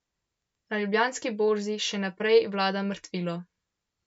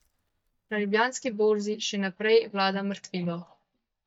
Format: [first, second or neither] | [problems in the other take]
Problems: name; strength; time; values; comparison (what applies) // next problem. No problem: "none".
first | noise reduction (neural mask model DeepFilterNet 3)